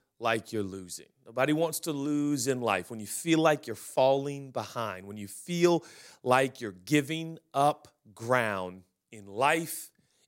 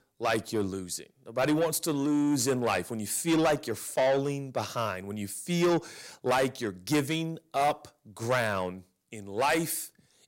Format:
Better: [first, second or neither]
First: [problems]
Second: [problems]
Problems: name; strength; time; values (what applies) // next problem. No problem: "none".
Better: first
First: none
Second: distortion; heavy; 7 dB below the speech